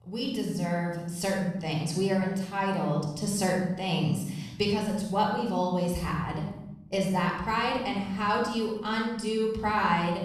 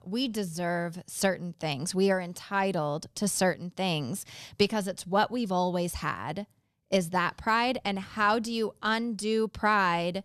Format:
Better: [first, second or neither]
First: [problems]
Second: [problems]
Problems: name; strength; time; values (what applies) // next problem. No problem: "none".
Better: second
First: off-mic speech; somewhat distant // room echo; noticeable; dies away in 1.1 s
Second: none